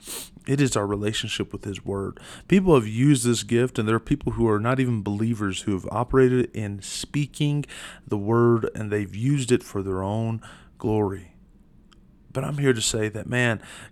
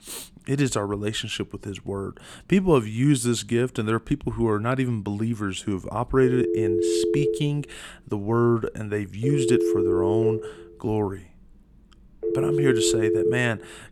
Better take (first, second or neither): first